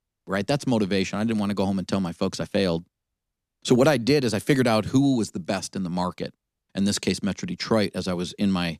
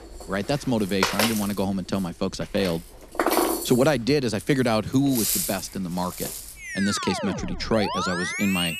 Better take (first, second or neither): first